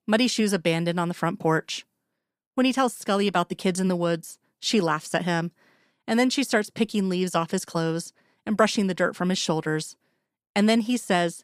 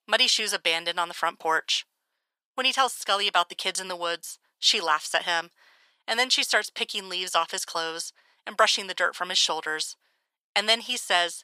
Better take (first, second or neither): first